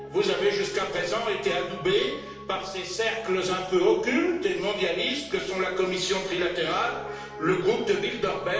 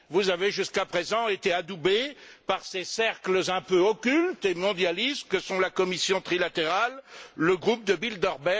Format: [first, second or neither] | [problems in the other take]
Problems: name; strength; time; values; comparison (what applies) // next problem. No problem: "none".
second | background sound (Piano); 15 dB below the speech // room echo; dies away in 0.9 s